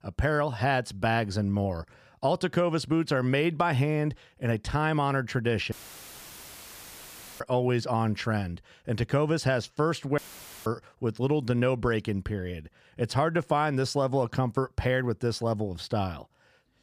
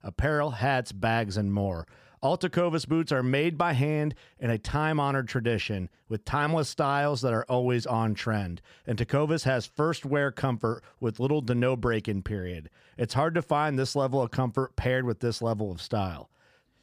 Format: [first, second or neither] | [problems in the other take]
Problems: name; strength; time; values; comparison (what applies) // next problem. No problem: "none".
second | audio cutting out; filled with static; at 5.5 s for 1.5 s and at 10 s